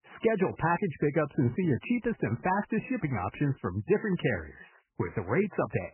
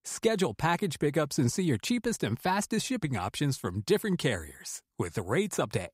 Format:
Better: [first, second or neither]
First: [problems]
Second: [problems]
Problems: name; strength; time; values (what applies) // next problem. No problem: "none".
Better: second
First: garbled, watery; badly; nothing above 3 kHz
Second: none